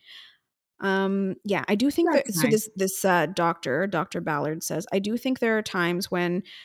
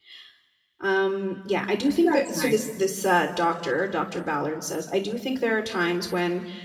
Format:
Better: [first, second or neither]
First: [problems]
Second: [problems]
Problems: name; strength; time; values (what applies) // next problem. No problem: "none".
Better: first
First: none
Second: room echo; noticeable; dies away in 1.2 s // off-mic speech; somewhat distant